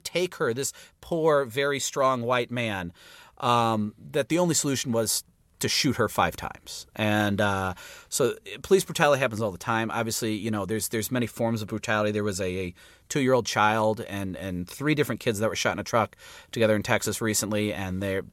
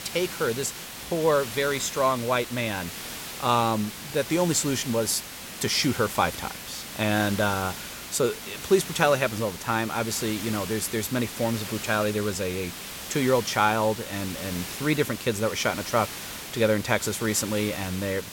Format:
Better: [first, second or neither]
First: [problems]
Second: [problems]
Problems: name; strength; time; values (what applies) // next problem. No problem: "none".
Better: first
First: none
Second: hiss; loud; throughout; 9 dB below the speech